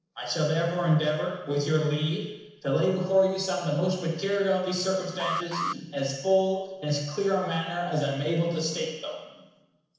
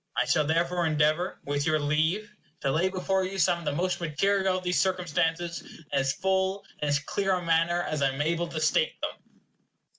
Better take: second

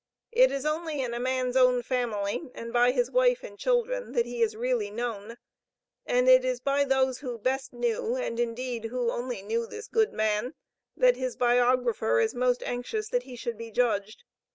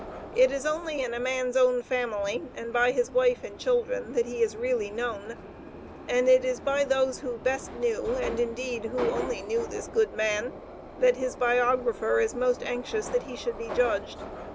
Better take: first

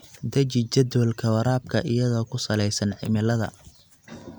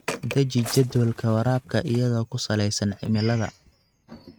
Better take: first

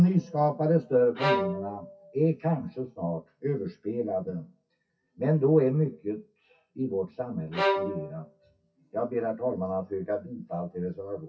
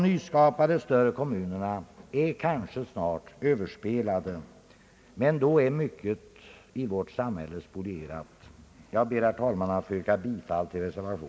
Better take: second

